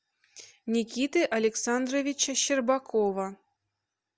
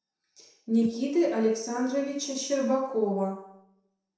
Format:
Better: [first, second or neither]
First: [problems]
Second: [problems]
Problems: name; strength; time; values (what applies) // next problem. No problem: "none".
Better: first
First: none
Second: noise reduction (neural separator model SepFormer DNS4)